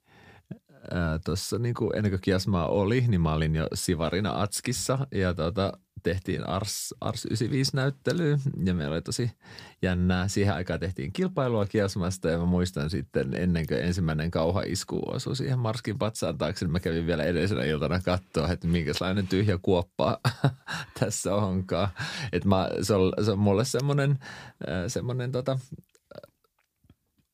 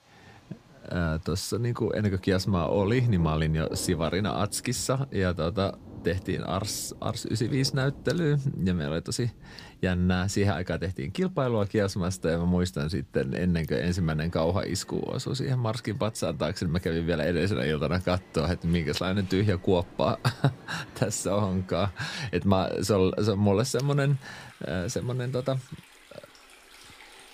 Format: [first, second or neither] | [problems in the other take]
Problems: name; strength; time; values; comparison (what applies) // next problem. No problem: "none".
first | rain or running water; faint; throughout; 20 dB below the speech